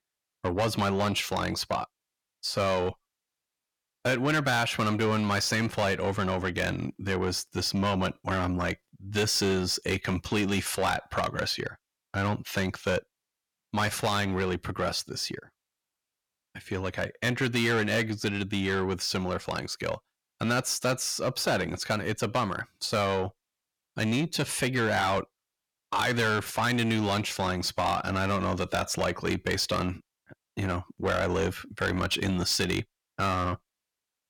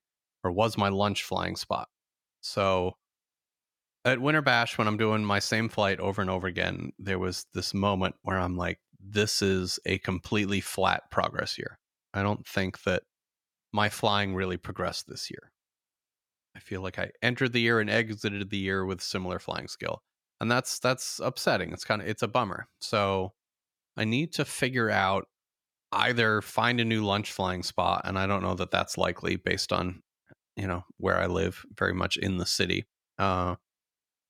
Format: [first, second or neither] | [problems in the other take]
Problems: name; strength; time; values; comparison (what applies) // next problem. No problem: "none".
second | distortion; heavy; 7 dB below the speech